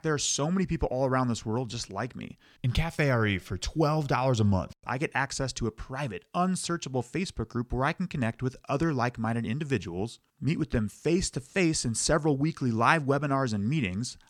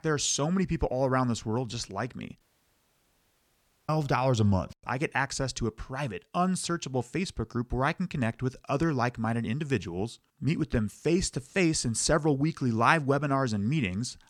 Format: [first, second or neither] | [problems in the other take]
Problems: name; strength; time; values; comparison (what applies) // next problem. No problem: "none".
first | audio cutting out; at 2.5 s for 1.5 s